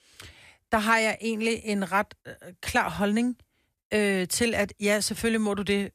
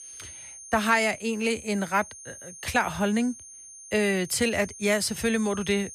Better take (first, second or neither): first